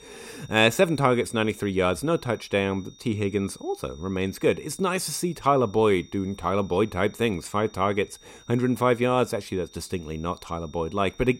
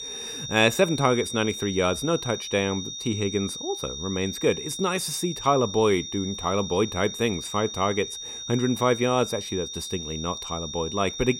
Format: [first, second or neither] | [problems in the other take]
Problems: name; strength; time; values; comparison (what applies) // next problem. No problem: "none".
first | high-pitched whine; loud; throughout; 3.5 kHz, 7 dB below the speech; faint in the first